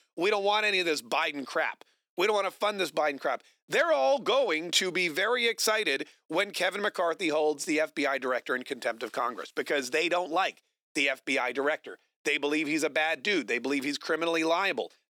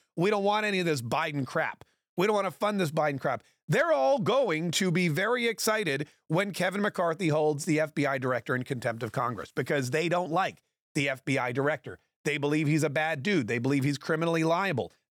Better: second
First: thin; somewhat; fading below 300 Hz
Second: none

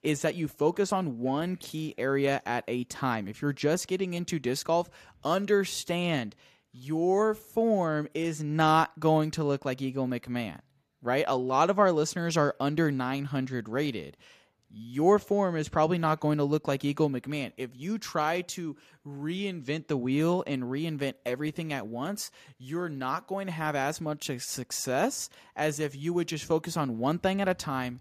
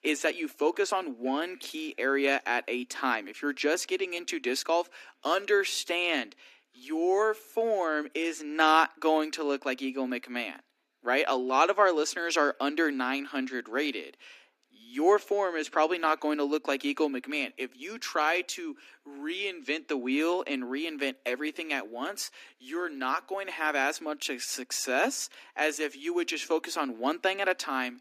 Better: first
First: none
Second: thin; very slightly; fading below 250 Hz

